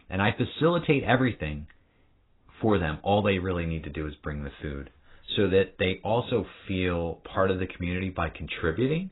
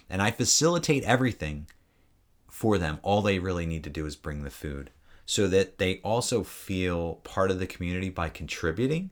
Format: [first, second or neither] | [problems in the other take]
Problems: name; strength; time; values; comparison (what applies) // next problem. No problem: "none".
second | garbled, watery; badly; nothing above 4 kHz